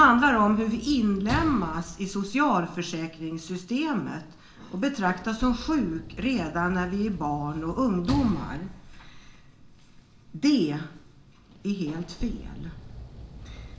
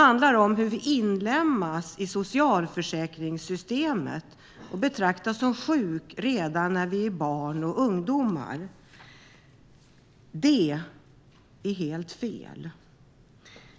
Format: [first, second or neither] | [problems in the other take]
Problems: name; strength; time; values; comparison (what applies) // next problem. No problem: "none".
second | background sound (Sliding door / Slam); 13 dB below the speech // room echo; dies away in 0.4 s